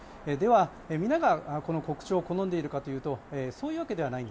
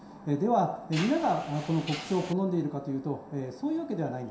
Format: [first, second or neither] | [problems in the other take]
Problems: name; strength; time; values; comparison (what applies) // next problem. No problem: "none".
first | background sound (Mechanisms); 15 dB below the speech // room echo; dies away in 0.7 s